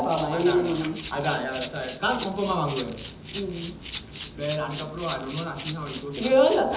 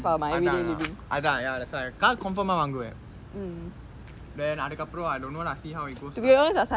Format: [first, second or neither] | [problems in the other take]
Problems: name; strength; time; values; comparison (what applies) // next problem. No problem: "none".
second | background sound (Rattle (instrument)); 14 dB below the speech // room echo; dies away in 1.2 s